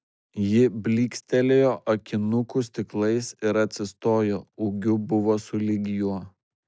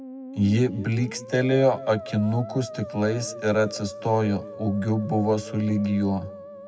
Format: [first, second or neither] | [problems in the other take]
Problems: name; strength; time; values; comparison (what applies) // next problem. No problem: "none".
first | background sound (Musical instrument); 14 dB below the speech // room echo; dies away in 1.2 s